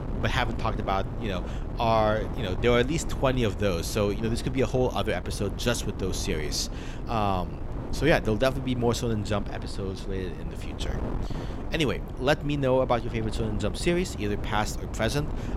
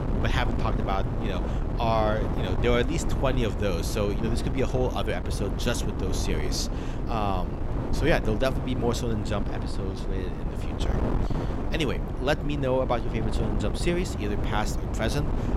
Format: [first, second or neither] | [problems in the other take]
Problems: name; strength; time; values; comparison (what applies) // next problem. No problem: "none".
first | wind noise on the microphone; heavy; 7 dB below the speech; occasional gusts in the first